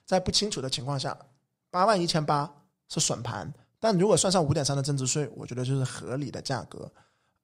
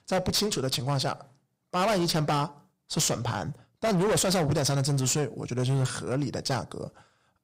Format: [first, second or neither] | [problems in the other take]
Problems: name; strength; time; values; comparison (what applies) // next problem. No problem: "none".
first | distortion; heavy; 16% of the sound clipped